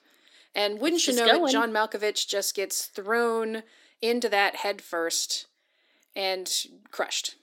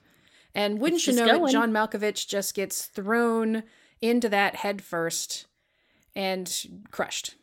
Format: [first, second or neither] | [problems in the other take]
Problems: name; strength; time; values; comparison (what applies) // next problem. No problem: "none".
second | thin; very slightly; fading below 250 Hz